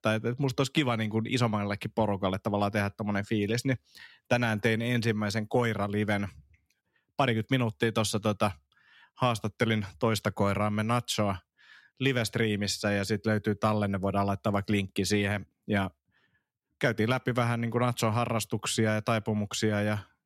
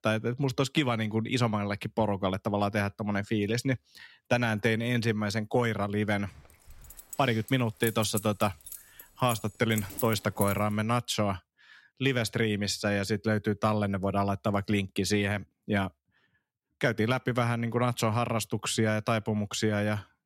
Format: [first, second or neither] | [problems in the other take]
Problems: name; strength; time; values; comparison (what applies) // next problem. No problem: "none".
first | jangling keys; noticeable; from 6.5 to 11 s; peak 7 dB below the speech